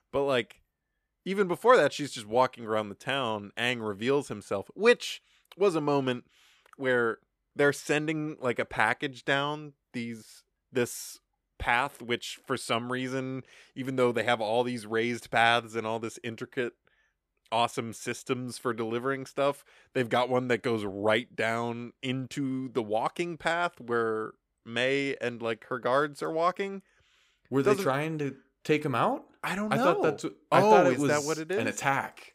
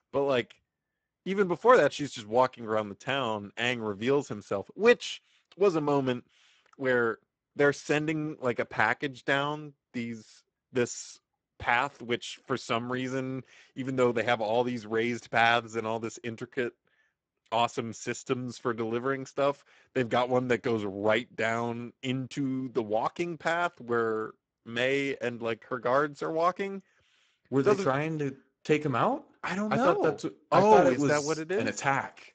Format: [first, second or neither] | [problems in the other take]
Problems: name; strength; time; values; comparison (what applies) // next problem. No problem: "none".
first | garbled, watery; badly; nothing above 7.5 kHz